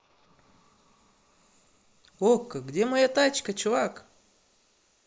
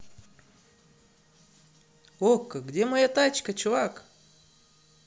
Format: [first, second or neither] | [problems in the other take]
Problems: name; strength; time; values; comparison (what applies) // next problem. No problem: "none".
second | noise reduction (neural mask model Resemble Enhance denoiser)